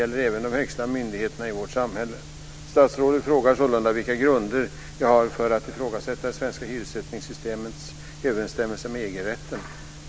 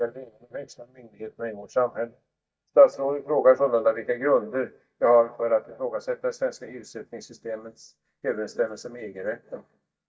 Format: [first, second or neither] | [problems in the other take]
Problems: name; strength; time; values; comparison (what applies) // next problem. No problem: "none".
first | noise reduction (neural mask model DeepFilterNet 3)